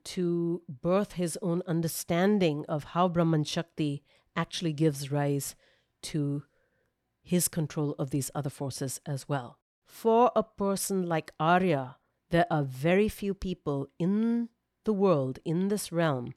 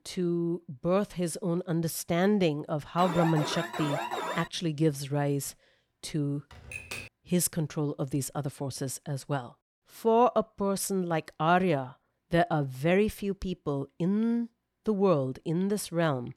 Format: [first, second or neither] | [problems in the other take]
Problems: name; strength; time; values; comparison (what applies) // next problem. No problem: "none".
first | alarm; noticeable; from 3 to 4.5 s; peak 3 dB below the speech // keyboard typing; noticeable; at 6.5 s; peak 9 dB below the speech